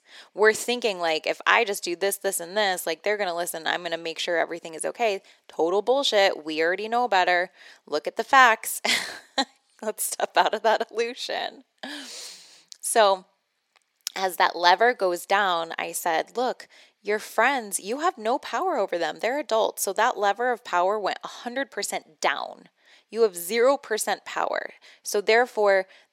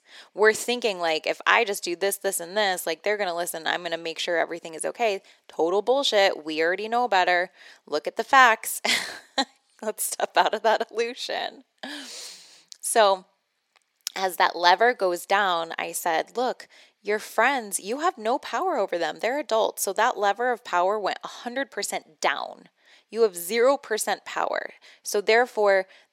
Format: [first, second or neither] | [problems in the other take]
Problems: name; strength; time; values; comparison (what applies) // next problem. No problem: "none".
neither | thin; somewhat; fading below 450 Hz; the same in both